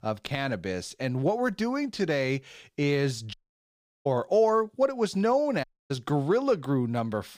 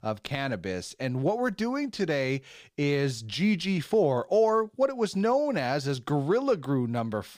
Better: second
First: audio cutting out; at 3.5 s for 0.5 s and at 5.5 s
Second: none

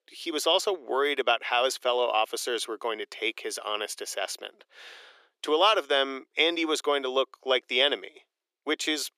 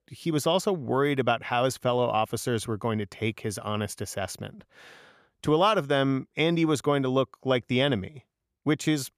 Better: second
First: thin; very; fading below 350 Hz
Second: none

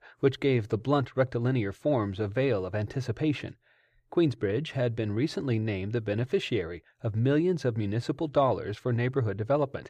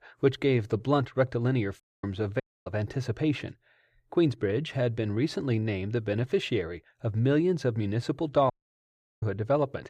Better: first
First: none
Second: audio cutting out; at 2 s, at 2.5 s and at 8.5 s for 0.5 s

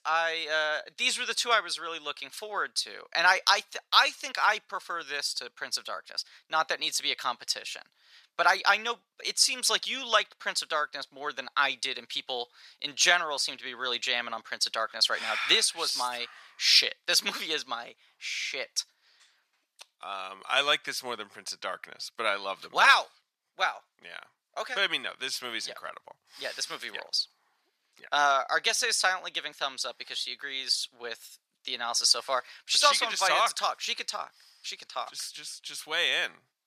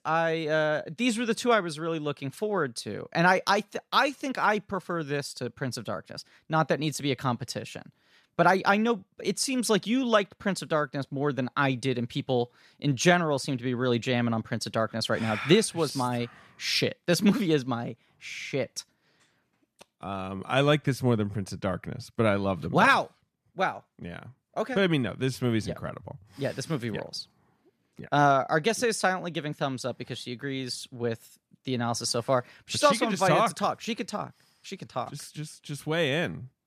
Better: second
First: thin; very; fading below 1 kHz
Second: none

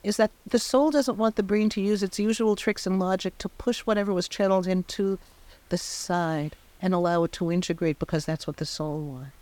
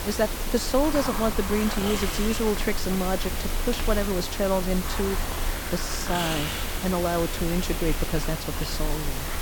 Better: first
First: hiss; faint; throughout; 30 dB below the speech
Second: hiss; loud; throughout; 2 dB below the speech

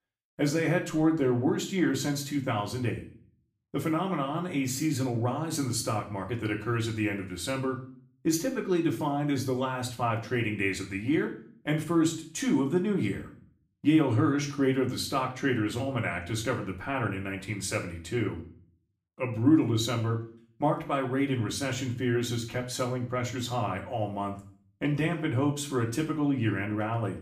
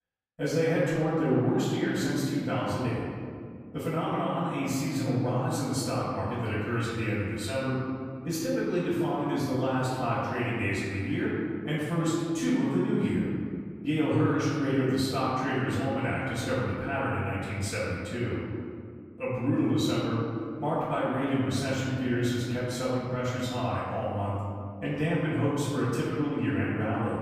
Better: first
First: room echo; slight; dies away in 0.4 s // off-mic speech; far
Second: room echo; strong; dies away in 2.1 s // off-mic speech; far

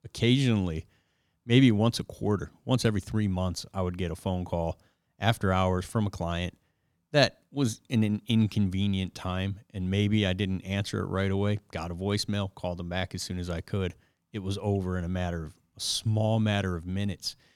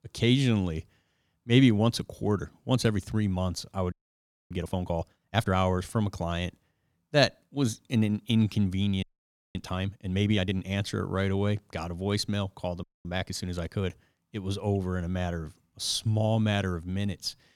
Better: first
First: none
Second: audio freezing; at 4 s for 0.5 s, at 9 s for 0.5 s and at 13 s

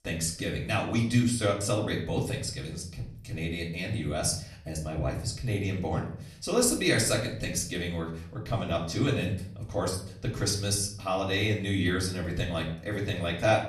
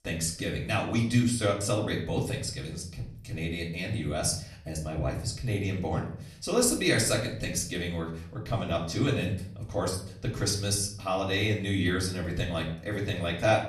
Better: neither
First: off-mic speech; far // room echo; slight; dies away in 0.5 s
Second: off-mic speech; far // room echo; slight; dies away in 0.5 s

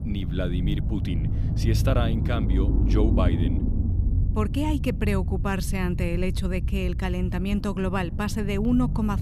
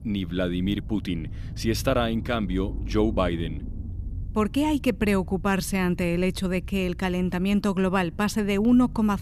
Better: second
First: low rumble; loud; throughout; 8 dB below the speech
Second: low rumble; faint; throughout; 20 dB below the speech

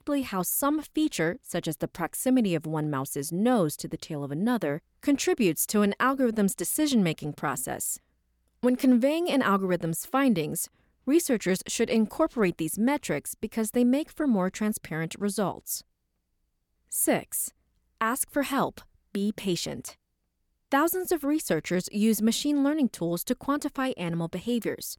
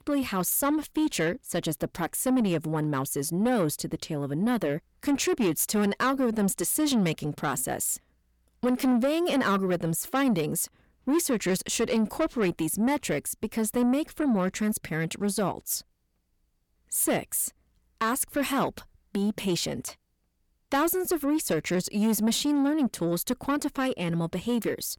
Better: first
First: none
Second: distortion; slight; 10 dB below the speech

